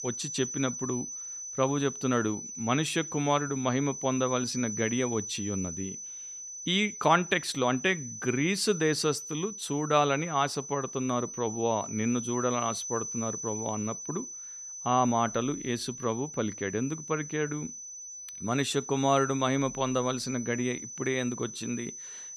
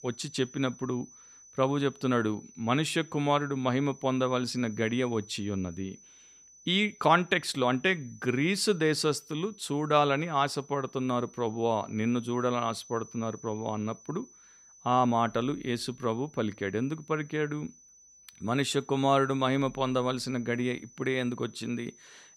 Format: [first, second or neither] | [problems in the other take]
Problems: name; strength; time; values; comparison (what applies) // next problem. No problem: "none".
second | high-pitched whine; loud; throughout; 6 kHz, 8 dB below the speech; faint in the second